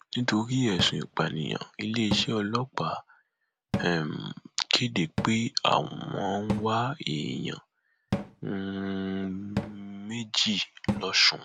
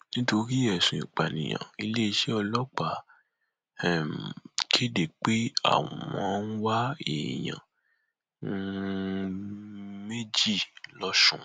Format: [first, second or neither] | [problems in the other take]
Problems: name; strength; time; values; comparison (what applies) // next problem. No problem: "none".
second | background sound (Cupboard open or close / Drawer open or close); 9 dB below the speech